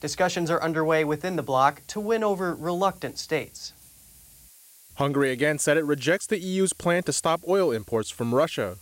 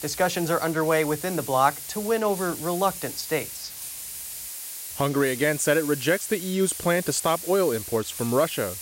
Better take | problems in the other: first | hiss; loud; throughout; 9 dB below the speech; faint in the first

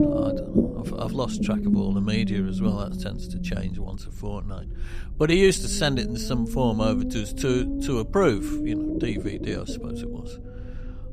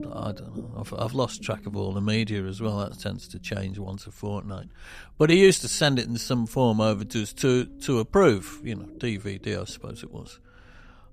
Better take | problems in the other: second | low rumble; loud; throughout; 5 dB below the speech; faint in the second

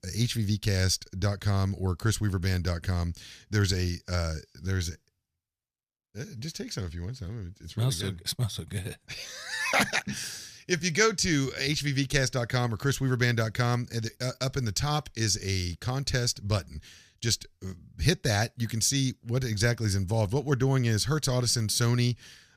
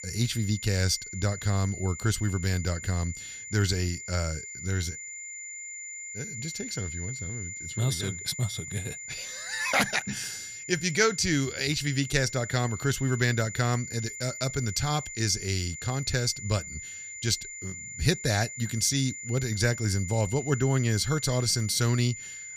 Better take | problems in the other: first | high-pitched whine; loud; throughout; 2 kHz, 9 dB below the speech

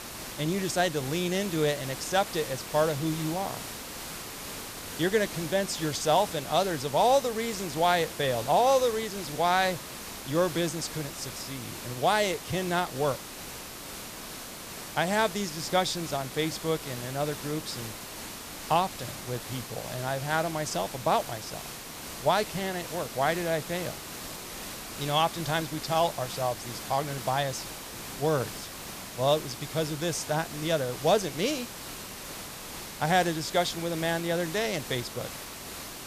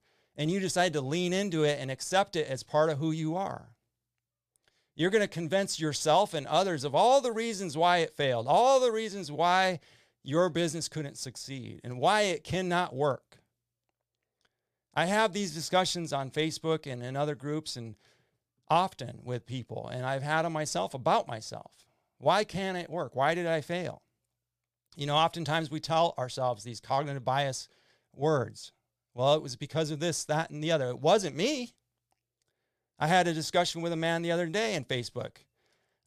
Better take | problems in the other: second | hiss; loud; throughout; 9 dB below the speech

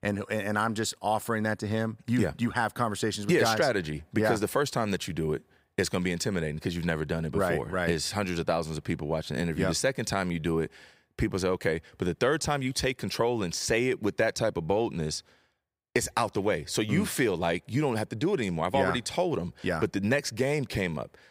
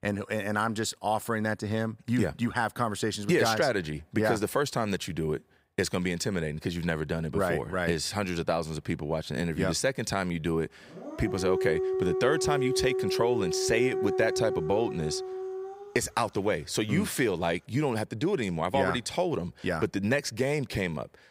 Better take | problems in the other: first | dog barking; loud; from 11 to 16 s; peak level with the speech

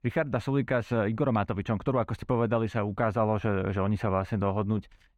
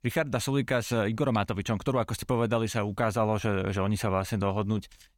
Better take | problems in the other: second | muffled; very; fading above 3.5 kHz

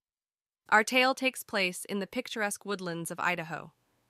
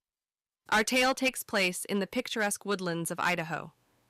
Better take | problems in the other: first | distortion; heavy; 4% of the sound clipped

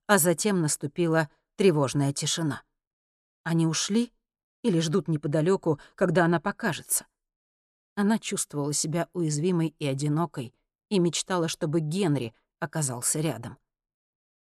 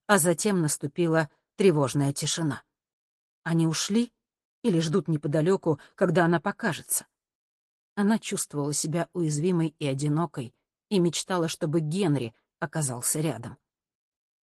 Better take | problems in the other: first | garbled, watery; slightly; nothing above 15.5 kHz

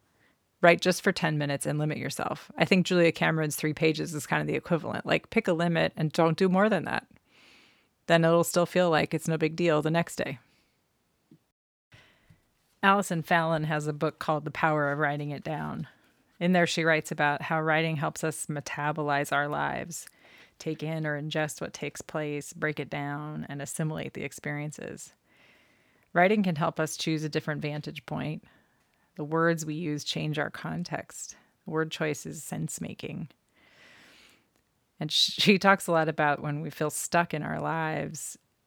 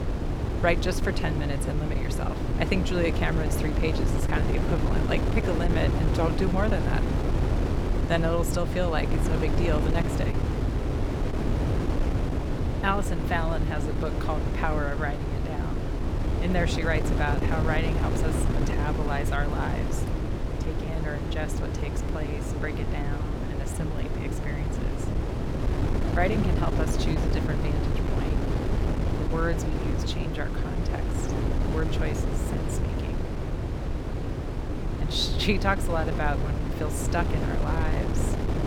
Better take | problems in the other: first | wind noise on the microphone; heavy; 3 dB below the speech

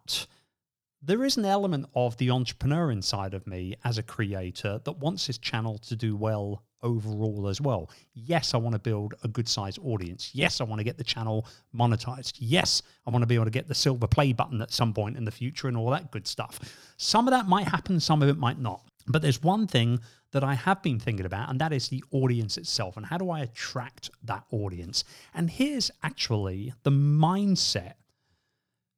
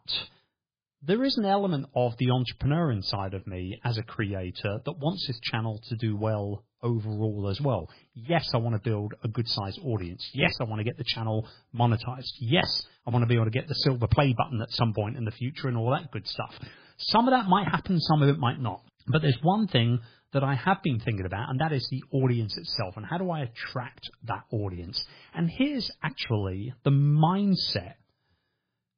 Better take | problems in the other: first | garbled, watery; badly; nothing above 5 kHz

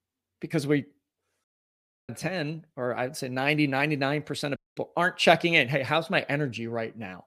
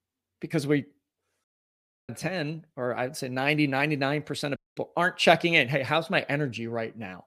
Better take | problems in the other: neither | audio cutting out; at 1.5 s for 0.5 s and at 4.5 s; the same in both

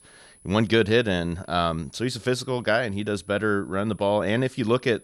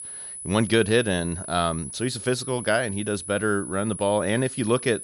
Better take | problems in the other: first | high-pitched whine; loud; throughout; 10 kHz, 10 dB below the speech; faint in the first

